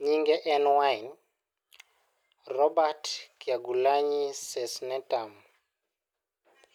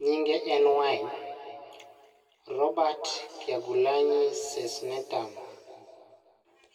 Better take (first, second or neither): first